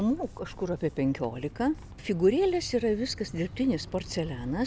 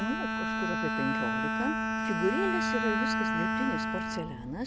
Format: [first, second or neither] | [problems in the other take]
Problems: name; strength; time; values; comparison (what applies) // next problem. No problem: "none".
first | background sound (Bowed string instrument); 4 dB above the speech